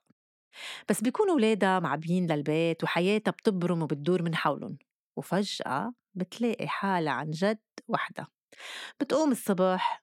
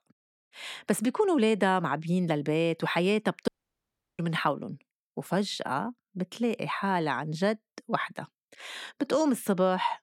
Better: first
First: none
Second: audio cutting out; at 3.5 s for 0.5 s

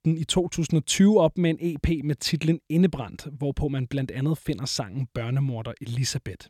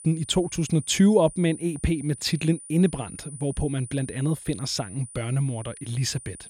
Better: first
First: none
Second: high-pitched whine; noticeable; throughout; 9.5 kHz, 15 dB below the speech

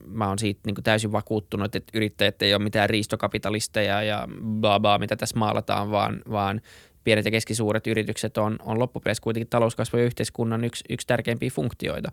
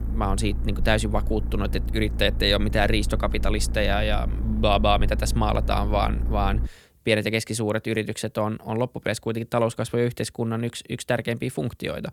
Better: first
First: none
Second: low rumble; noticeable; until 6.5 s; 20 dB below the speech

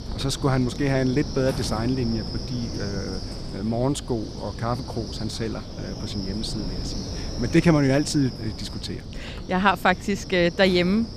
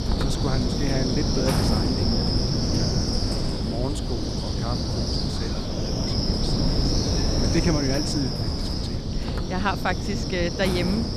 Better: first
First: wind noise on the microphone; occasional gusts; 10 dB below the speech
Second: wind noise on the microphone; heavy; 2 dB above the speech

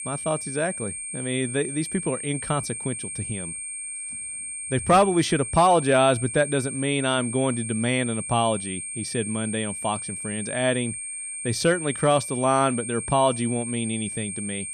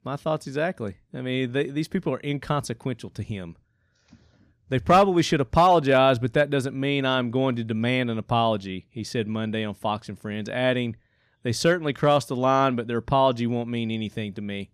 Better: second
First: high-pitched whine; loud; throughout; 8.5 kHz, 6 dB below the speech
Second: none

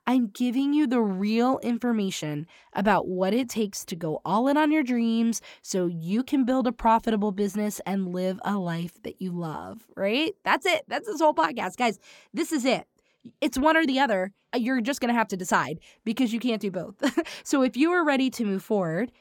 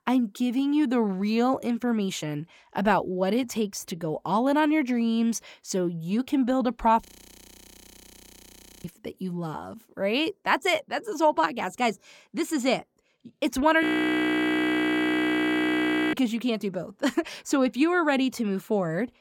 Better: first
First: none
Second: audio freezing; at 7 s for 2 s and at 14 s for 2.5 s

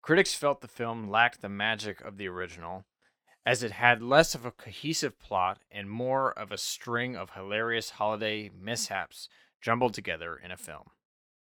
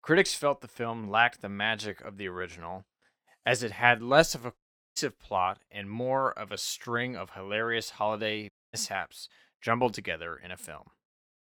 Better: first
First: none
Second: audio cutting out; at 4.5 s and at 8.5 s

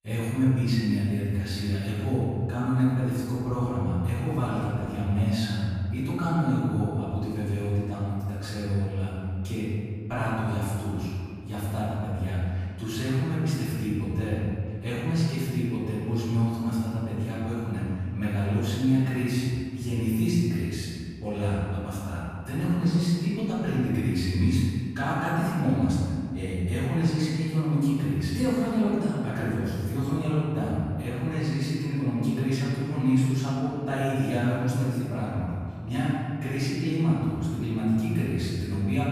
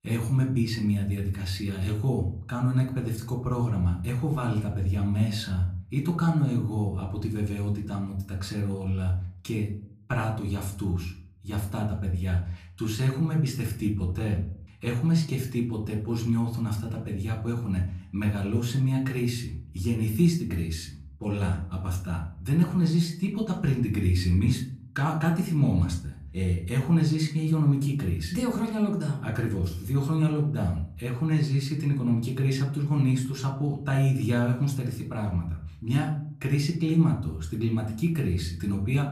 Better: second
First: room echo; strong; dies away in 2 s // off-mic speech; far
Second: room echo; slight; dies away in 0.4 s // off-mic speech; somewhat distant

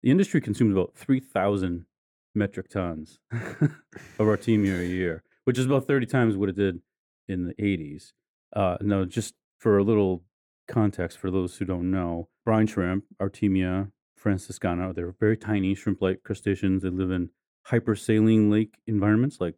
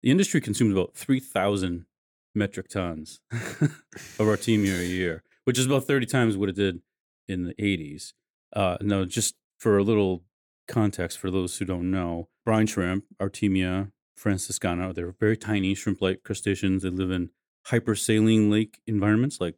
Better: second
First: muffled; slightly; fading above 2.5 kHz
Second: none

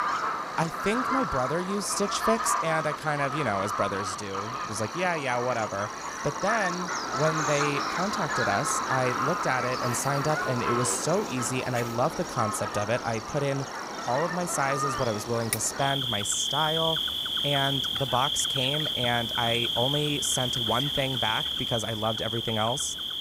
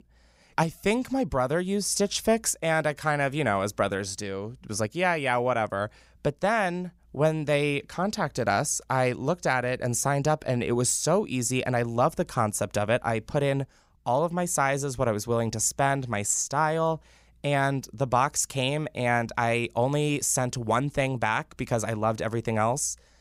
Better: second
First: animal sounds; very loud; throughout; as loud as the speech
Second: none

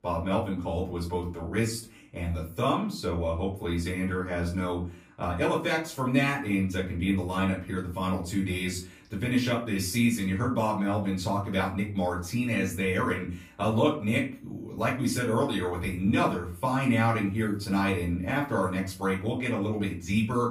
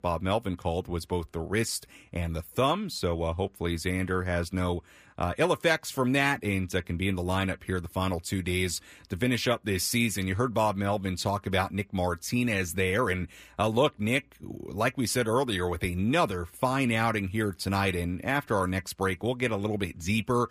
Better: second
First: off-mic speech; far // room echo; slight; dies away in 0.3 s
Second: none

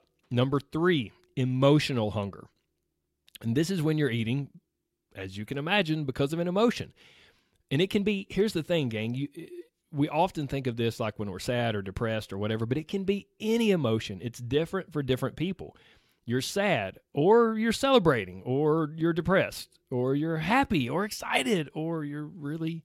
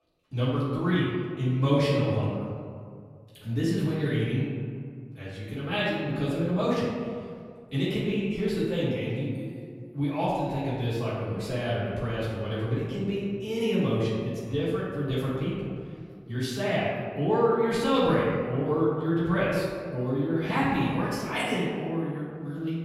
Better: first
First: none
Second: room echo; noticeable; dies away in 1.9 s // off-mic speech; far

